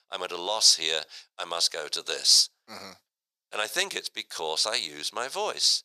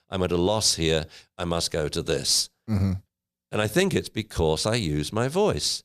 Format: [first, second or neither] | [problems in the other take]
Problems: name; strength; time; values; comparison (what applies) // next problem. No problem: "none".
second | thin; very; fading below 800 Hz